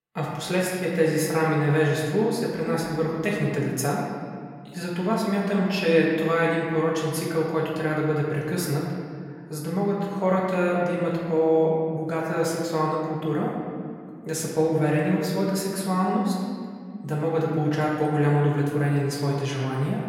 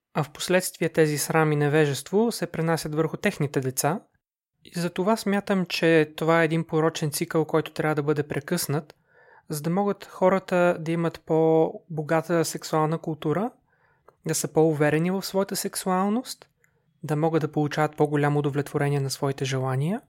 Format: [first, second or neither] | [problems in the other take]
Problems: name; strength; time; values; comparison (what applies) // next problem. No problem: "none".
second | room echo; noticeable; dies away in 2 s // off-mic speech; far